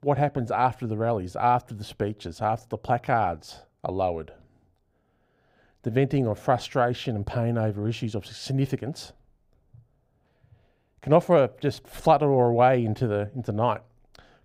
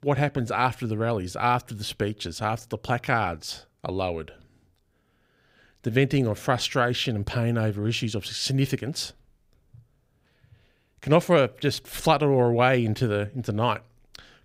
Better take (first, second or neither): second